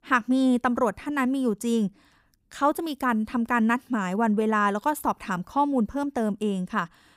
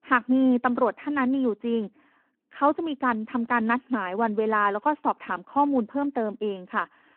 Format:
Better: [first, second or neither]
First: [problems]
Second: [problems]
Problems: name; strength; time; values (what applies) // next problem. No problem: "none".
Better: first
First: none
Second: phone-call audio